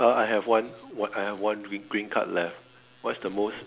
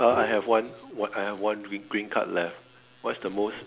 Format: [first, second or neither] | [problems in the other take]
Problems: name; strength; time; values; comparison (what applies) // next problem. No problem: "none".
first | background sound (Bowed string instrument); 15 dB below the speech